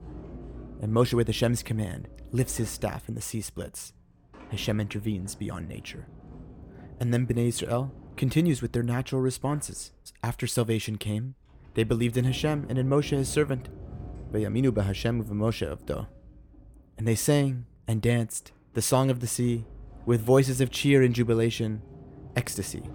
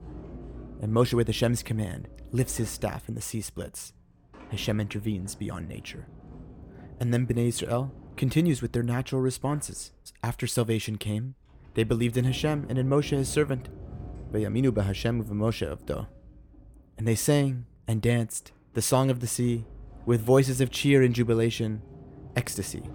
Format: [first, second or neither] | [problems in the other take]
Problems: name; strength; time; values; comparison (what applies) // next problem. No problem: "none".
neither | household noises; noticeable; throughout; 20 dB below the speech; the same in both